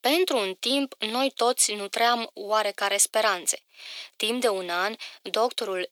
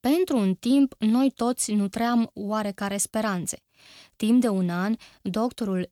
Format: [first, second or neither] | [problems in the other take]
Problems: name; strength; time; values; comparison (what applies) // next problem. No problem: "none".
second | thin; very; fading below 400 Hz